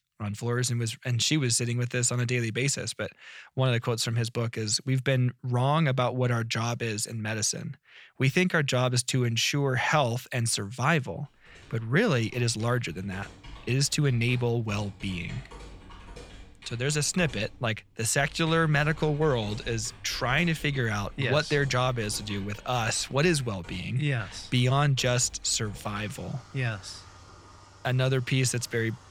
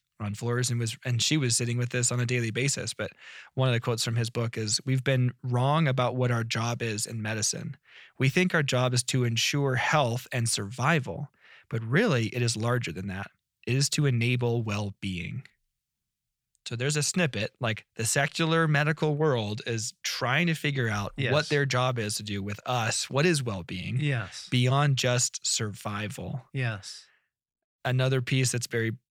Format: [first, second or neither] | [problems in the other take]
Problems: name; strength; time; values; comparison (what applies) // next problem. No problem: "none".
second | household noises; faint; from 12 s on; 20 dB below the speech